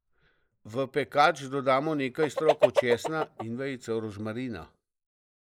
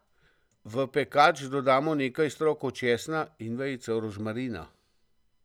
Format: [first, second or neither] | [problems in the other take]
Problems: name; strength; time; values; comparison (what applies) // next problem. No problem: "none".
second | noise reduction (neural mask model Resemble Enhance denoiser)